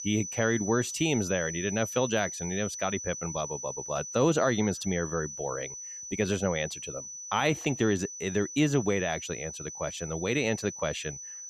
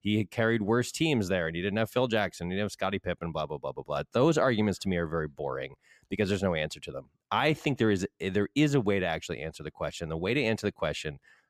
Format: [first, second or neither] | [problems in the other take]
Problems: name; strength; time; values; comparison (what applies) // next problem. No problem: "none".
second | high-pitched whine; loud; throughout; 6 kHz, 8 dB below the speech